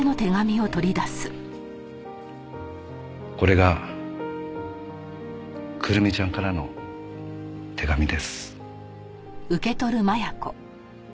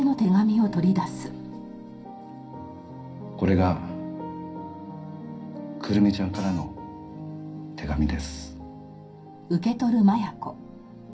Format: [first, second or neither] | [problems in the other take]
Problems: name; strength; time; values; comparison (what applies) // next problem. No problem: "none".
first | background sound (Cupboard open or close); 19 dB below the speech // room echo; dies away in 0.3 s